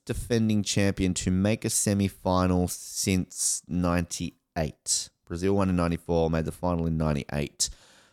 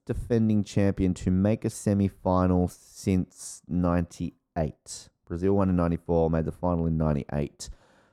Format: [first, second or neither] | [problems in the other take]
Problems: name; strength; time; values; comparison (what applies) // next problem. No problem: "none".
first | muffled; slightly; fading above 2 kHz